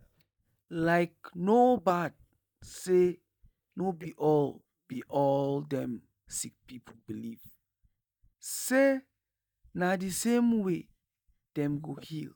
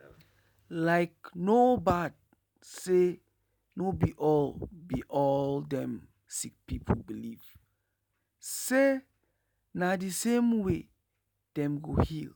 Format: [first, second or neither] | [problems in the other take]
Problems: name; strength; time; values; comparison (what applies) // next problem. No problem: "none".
second | noise reduction (neural mask model DeepFilterNet 3)